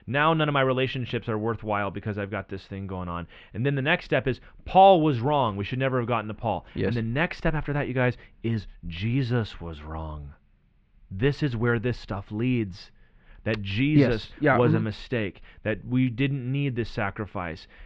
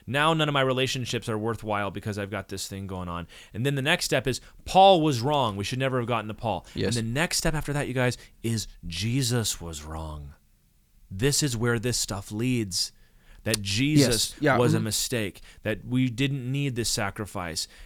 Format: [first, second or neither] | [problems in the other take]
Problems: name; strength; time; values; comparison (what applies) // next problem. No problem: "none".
second | muffled; very; fading above 3 kHz